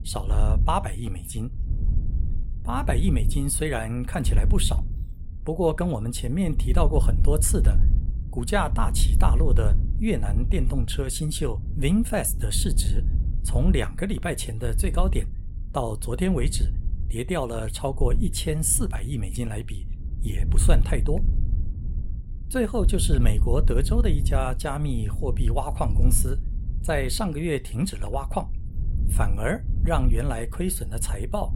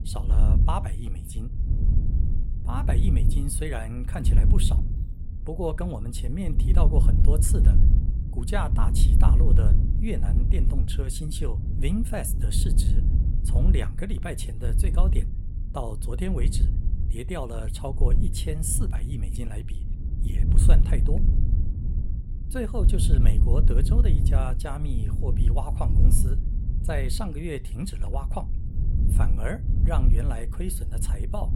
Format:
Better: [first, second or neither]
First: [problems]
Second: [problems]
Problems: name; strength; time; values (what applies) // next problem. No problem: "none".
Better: first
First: wind noise on the microphone; occasional gusts; 15 dB below the speech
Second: wind noise on the microphone; heavy; 6 dB below the speech